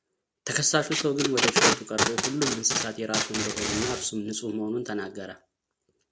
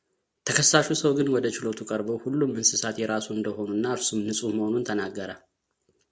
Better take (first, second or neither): second